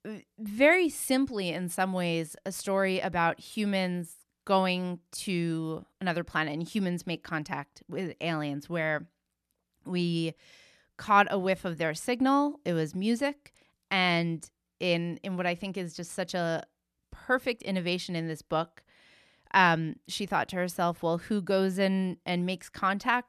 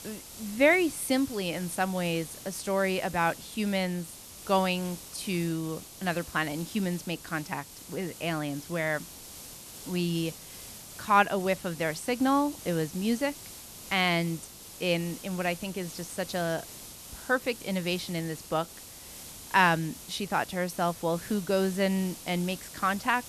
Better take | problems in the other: first | hiss; noticeable; throughout; 15 dB below the speech

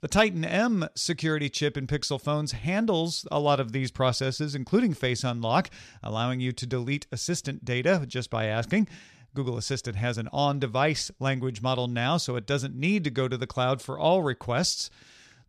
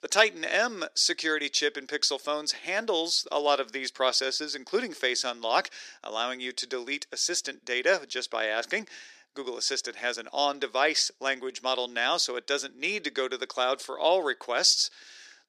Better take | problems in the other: first | thin; very; fading below 300 Hz

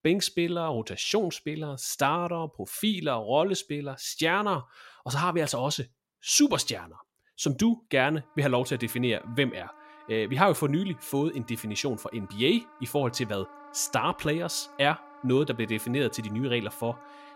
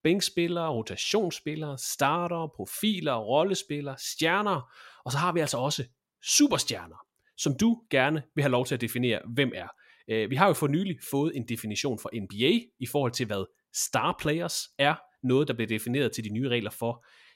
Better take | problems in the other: second | background music; faint; from 8.5 s on; 25 dB below the speech

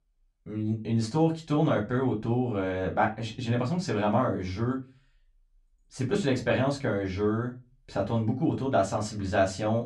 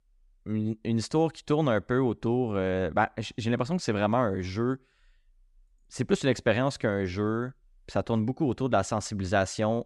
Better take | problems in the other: second | off-mic speech; far // room echo; very slight; dies away in 0.2 s

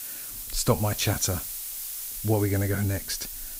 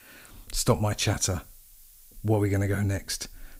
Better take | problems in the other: second | hiss; loud; throughout; 6 dB below the speech; faint in the second

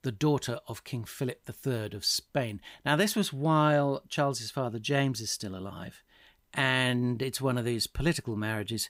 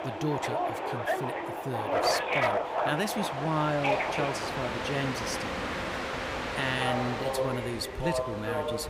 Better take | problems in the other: first | train or aircraft noise; very loud; throughout; 3 dB above the speech

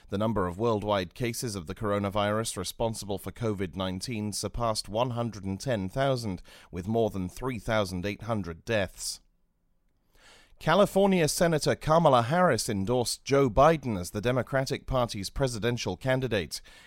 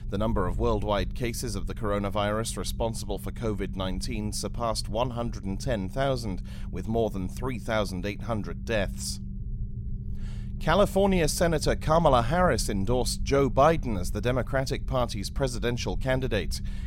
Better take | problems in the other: first | low rumble; faint; throughout; 25 dB below the speech

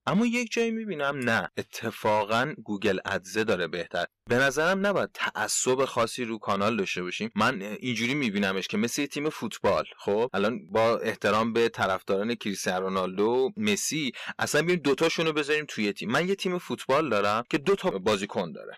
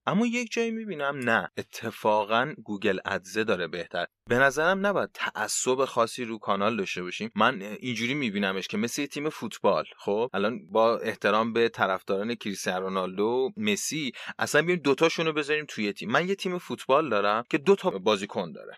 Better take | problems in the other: second | distortion; slight; 5% of the sound clipped

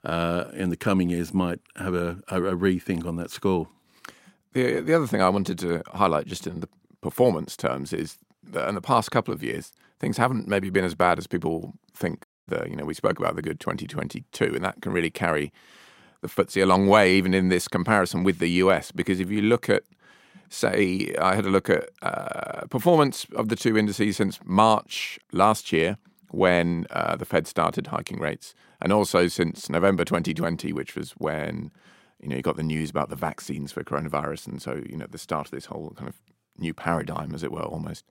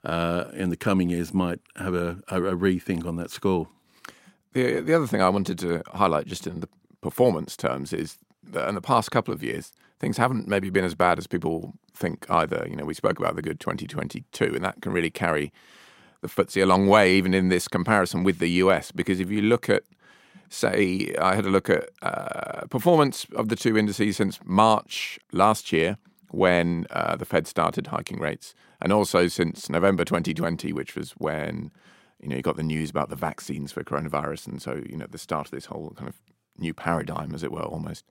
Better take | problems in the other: second | audio cutting out; at 12 s

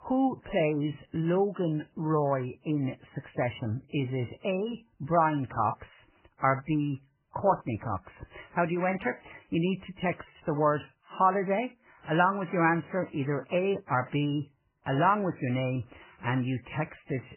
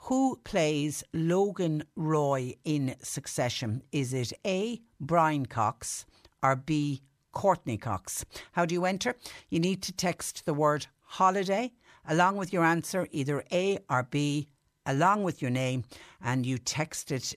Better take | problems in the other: second | garbled, watery; badly; nothing above 3 kHz

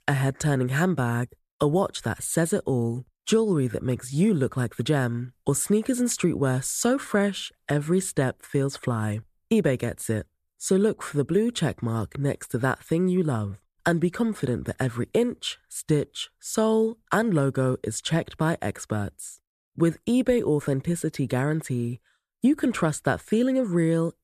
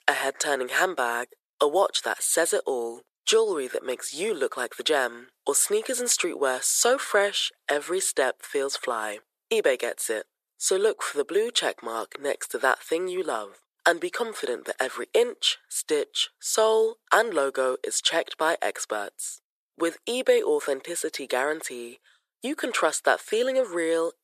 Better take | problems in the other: first | thin; very; fading below 450 Hz

